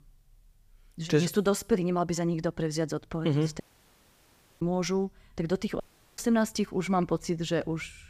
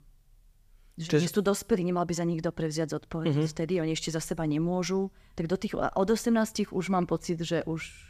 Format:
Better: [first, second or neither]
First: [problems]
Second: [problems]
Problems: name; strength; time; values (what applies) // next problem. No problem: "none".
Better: second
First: audio cutting out; at 3.5 s for 1 s and at 6 s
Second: none